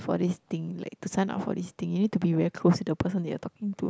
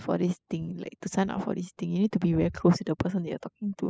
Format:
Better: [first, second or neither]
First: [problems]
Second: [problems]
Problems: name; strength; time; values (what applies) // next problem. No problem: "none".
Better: first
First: none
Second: noise reduction (classical method spectral subtraction)